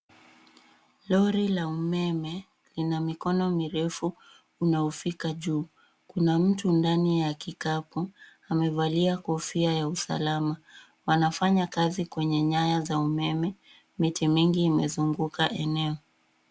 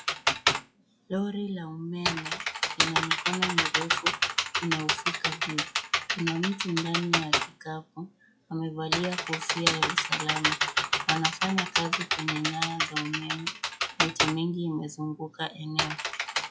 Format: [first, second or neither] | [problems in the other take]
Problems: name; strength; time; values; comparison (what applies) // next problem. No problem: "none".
first | noise reduction (classical method log-MMSE)